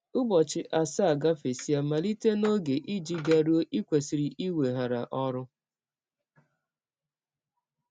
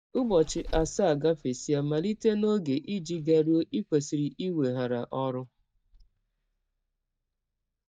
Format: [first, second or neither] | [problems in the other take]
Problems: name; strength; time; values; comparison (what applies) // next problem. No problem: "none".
first | noise reduction (neural mask model DeepFilterNet 3)